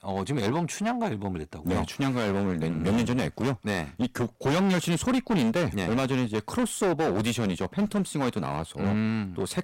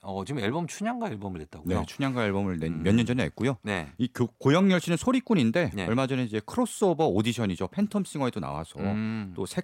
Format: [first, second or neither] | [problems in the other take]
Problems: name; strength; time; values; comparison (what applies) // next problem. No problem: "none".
second | distortion; heavy; 19% of the sound clipped